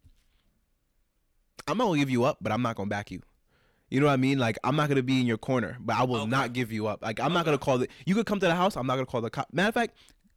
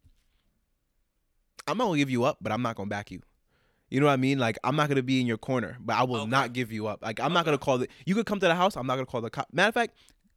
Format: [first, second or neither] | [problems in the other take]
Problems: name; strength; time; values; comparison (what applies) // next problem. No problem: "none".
second | distortion; slight; 10 dB below the speech